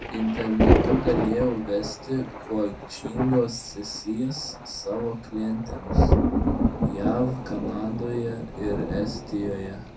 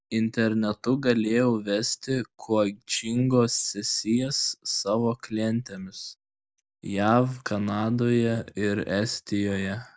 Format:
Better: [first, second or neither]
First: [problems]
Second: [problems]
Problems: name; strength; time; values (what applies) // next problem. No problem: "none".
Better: second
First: background sound (Thunder); 2 dB above the speech // room echo; dies away in 0.3 s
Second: none